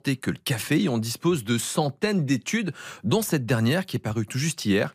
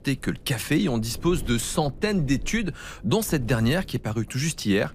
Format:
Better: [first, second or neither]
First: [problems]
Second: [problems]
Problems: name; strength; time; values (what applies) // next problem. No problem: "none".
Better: first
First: none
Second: wind noise on the microphone; occasional gusts; 25 dB below the speech